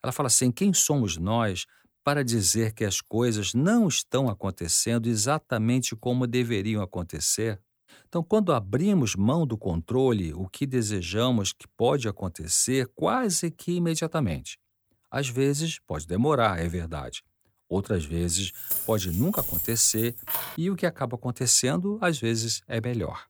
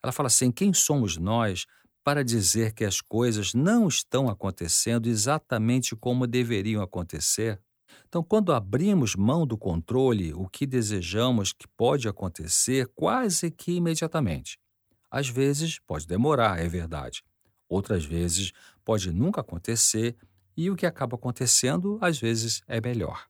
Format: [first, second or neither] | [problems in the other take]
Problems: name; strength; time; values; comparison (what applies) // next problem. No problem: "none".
second | jangling keys; noticeable; from 19 to 21 s; peak 1 dB below the speech